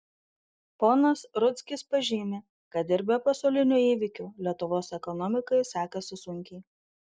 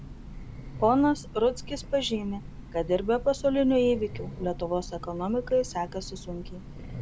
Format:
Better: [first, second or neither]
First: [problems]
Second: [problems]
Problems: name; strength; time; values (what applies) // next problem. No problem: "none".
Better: first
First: none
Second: background sound (Train); 12 dB below the speech